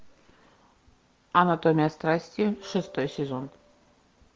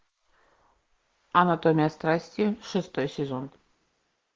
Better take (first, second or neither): first